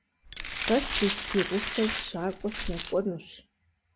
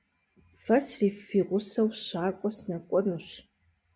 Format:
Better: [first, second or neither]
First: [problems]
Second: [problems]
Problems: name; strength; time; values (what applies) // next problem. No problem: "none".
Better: second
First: background sound (Glass); 4 dB below the speech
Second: none